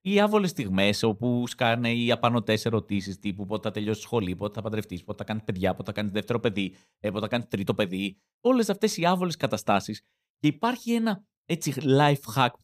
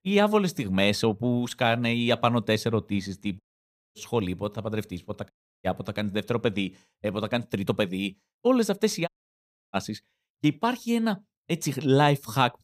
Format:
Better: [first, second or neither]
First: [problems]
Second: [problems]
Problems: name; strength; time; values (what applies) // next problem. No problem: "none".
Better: first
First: none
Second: audio cutting out; at 3.5 s for 0.5 s, at 5.5 s and at 9 s for 0.5 s